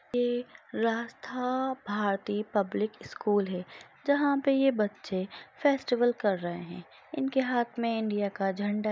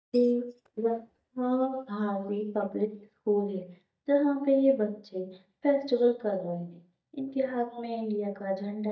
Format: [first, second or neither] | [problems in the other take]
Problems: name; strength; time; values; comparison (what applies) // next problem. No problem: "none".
first | noise reduction (neural mask model DeepFilterNet 3)